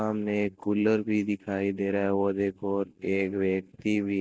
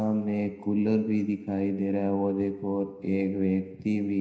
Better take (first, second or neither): first